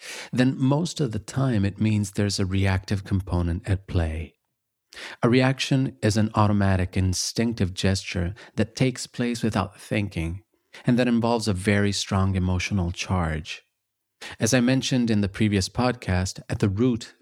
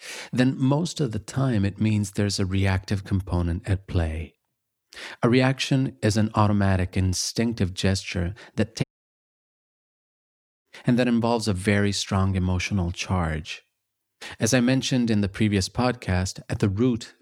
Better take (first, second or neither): first